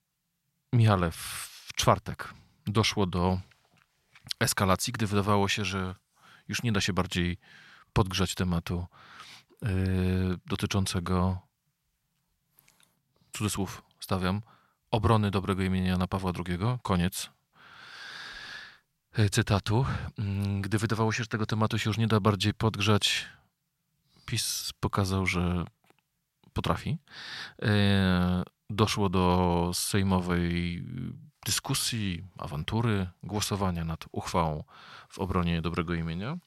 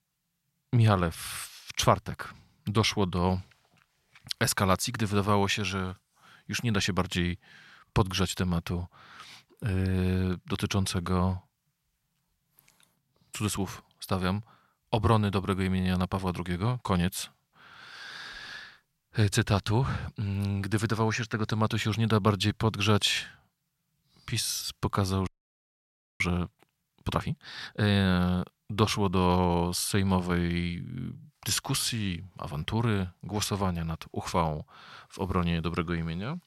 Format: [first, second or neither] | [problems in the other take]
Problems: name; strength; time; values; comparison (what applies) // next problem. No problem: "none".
first | audio freezing; at 25 s for 1 s